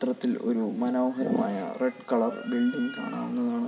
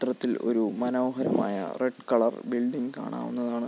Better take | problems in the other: second | background sound (Cat); 19 dB below the speech // room echo; dies away in 1.2 s

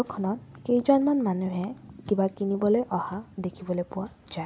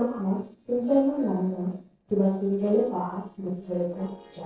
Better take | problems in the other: first | noise reduction (neural separator model SepFormer DNS4)

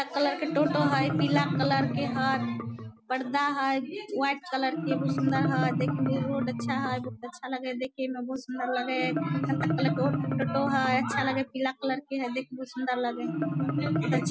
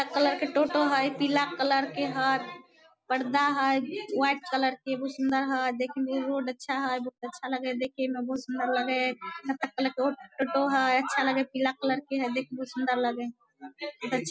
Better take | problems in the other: second | background sound (Marimba, xylophone); 1 dB below the speech

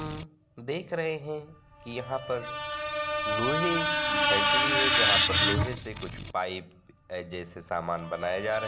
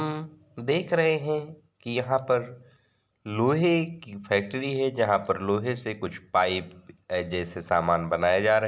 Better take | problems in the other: second | background sound (Screech); 4 dB above the speech

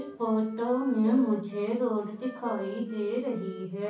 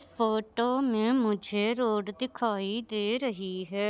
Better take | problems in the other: second | background sound (Wind instrument, woodwind instrument); 16 dB below the speech // room echo; dies away in 0.6 s

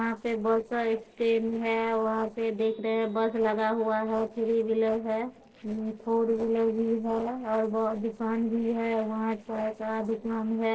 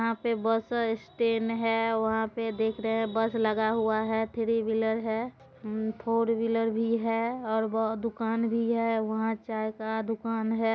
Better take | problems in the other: second | noise reduction (neural separator model SepFormer DNS4)

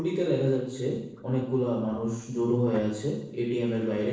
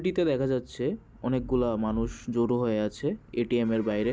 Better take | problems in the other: second | noise reduction (neural separator model SepFormer DNS4)

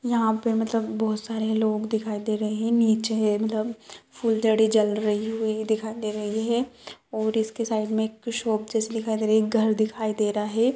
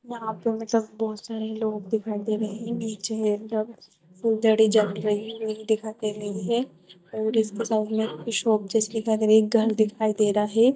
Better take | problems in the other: first | noise reduction (neural mask model DeepFilterNet 3)

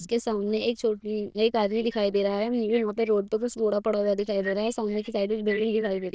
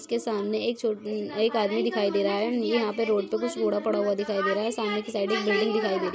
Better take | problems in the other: second | noise reduction (neural diffusion model UNIVERSE++)

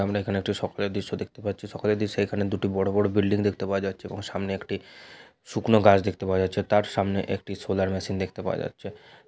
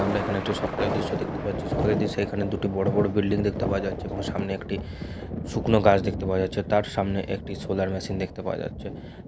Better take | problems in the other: first | background sound (Thunder); 4 dB below the speech

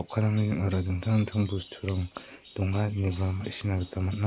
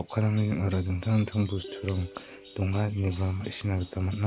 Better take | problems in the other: first | background sound (Plucked string instrument); 19 dB below the speech

